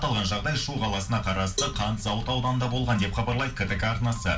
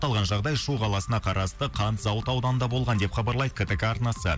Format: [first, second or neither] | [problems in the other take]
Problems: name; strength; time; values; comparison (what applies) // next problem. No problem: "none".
second | background sound (Cowbell); 13 dB below the speech // room echo; dies away in 0.3 s